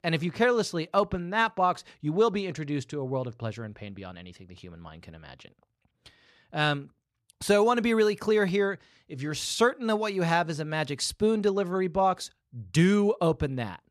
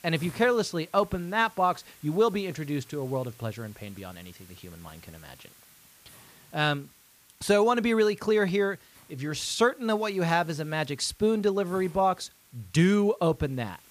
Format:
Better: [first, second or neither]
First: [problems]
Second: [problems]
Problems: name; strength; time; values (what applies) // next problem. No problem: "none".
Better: first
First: none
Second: hiss; faint; throughout; 25 dB below the speech